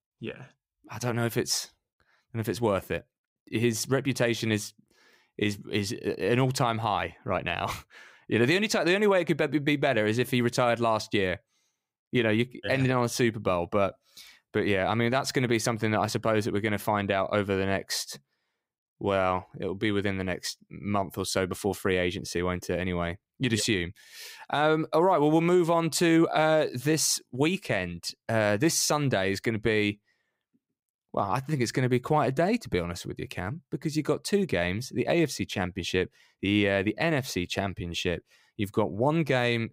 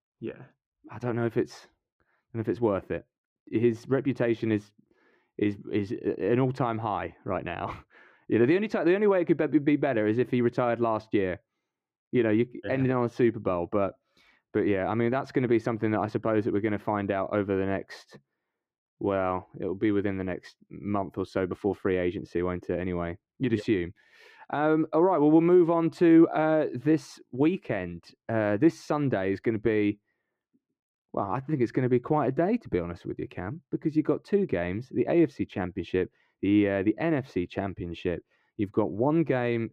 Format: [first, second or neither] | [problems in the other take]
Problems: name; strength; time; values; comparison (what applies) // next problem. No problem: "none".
first | muffled; very; fading above 3.5 kHz